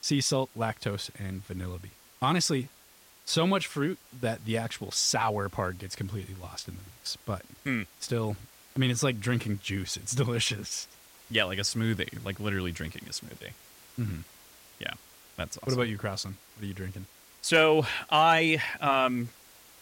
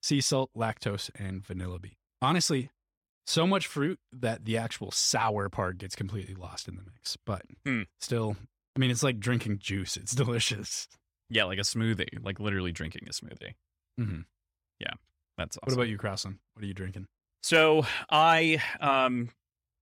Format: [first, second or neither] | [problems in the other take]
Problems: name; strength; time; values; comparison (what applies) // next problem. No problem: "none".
second | hiss; faint; throughout; 25 dB below the speech